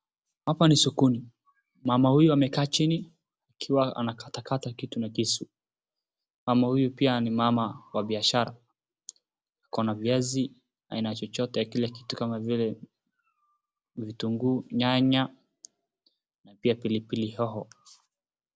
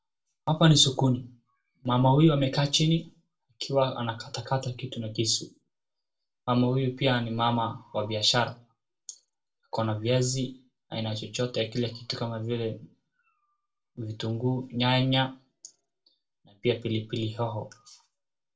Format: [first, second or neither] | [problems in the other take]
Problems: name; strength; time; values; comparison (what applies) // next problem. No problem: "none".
first | room echo; dies away in 0.2 s